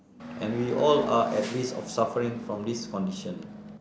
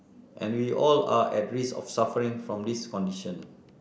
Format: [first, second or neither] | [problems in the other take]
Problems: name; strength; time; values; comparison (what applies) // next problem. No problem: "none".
second | background sound (Hiss / Bus / Engine); 10 dB below the speech